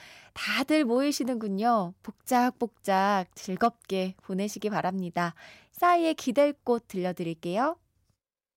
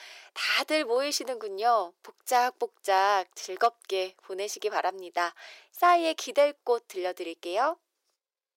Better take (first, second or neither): first